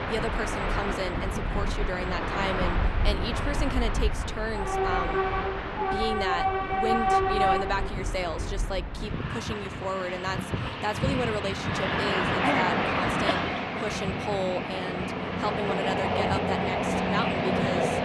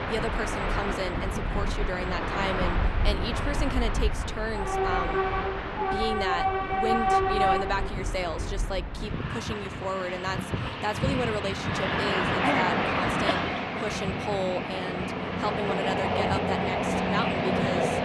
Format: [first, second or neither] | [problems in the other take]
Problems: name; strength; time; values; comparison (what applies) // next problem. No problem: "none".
neither | train or aircraft noise; very loud; throughout; 5 dB above the speech; the same in both